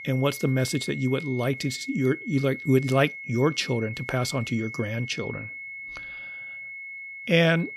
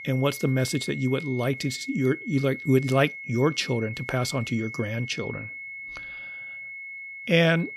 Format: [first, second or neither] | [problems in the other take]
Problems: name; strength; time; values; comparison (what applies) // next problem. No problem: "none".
neither | high-pitched whine; noticeable; throughout; 2 kHz, 10 dB below the speech; the same in both